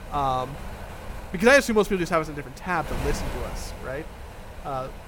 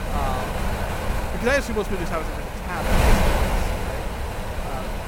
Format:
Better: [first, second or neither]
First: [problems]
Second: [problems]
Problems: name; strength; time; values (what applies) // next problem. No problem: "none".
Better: first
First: wind noise on the microphone; occasional gusts; 15 dB below the speech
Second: wind noise on the microphone; heavy; as loud as the speech